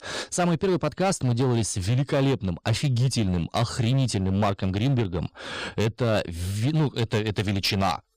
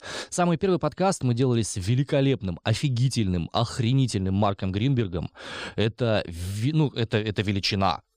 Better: second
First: distortion; slight; 12% of the sound clipped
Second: none

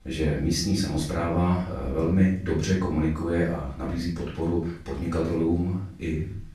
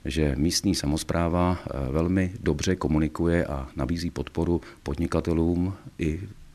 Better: second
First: off-mic speech; far // room echo; noticeable; dies away in 0.4 s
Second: none

